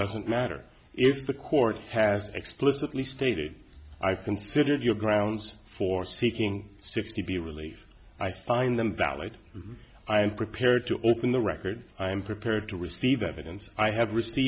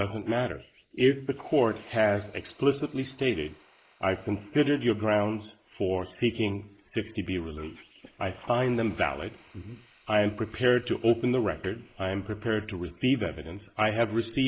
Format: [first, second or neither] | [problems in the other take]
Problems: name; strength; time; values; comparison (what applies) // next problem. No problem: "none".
first | noise reduction (neural mask model Resemble Enhance denoiser)